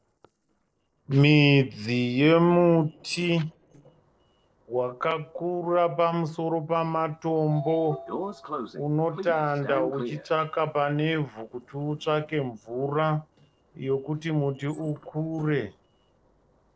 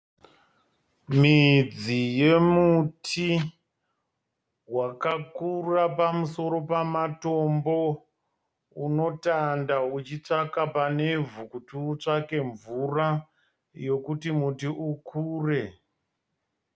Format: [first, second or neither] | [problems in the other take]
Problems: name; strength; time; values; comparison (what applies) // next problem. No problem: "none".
second | noise reduction (neural separator model SepFormer DNS4)